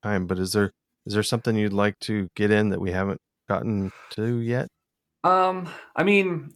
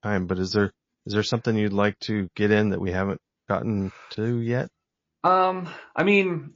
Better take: first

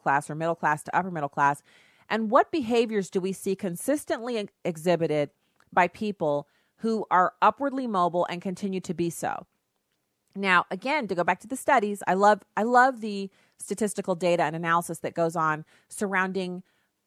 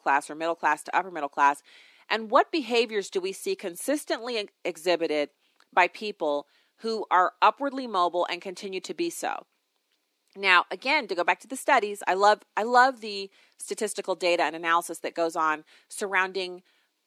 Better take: first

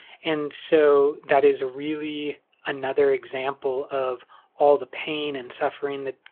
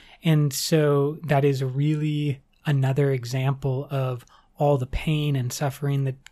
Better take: second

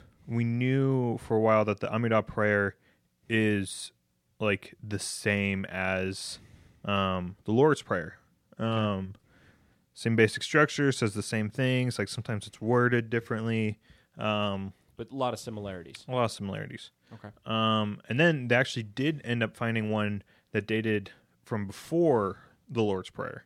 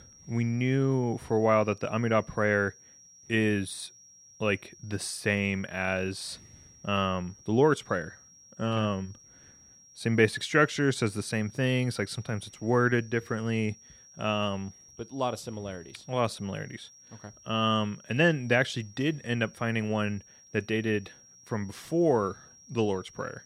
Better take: first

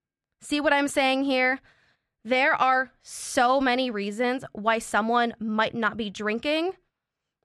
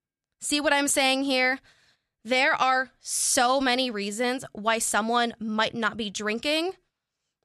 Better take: second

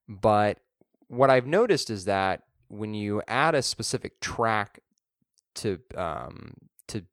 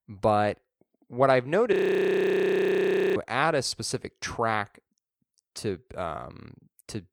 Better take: first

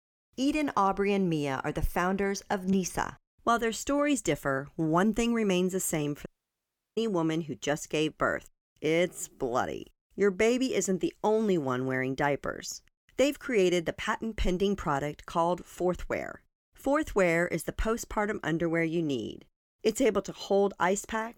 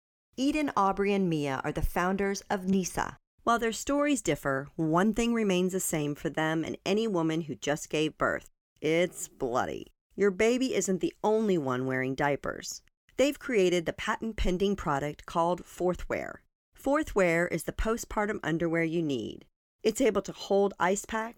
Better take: second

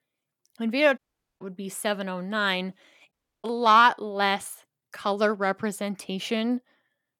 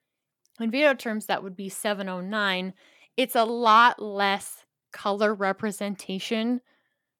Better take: second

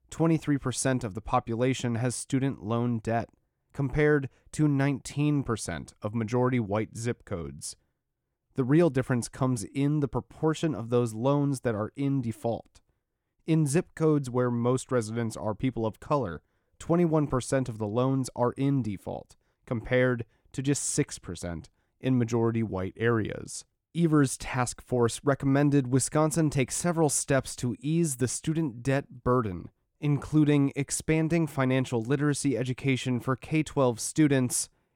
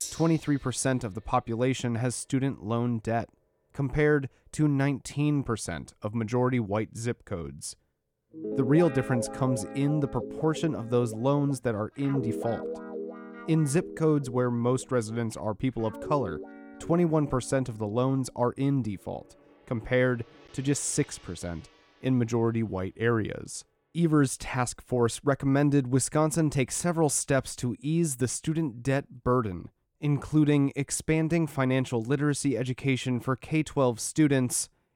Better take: first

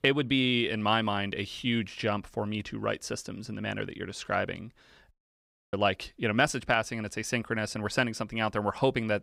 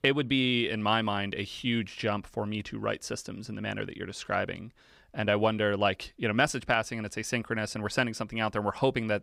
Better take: second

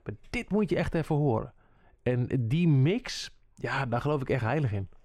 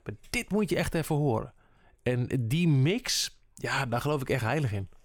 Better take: second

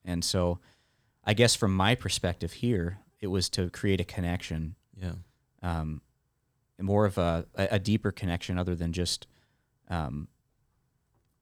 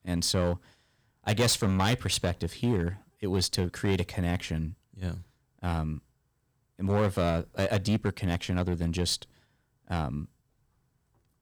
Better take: first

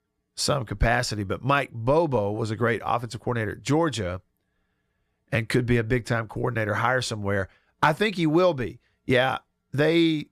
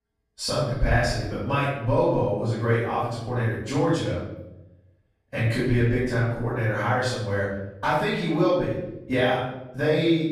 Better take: first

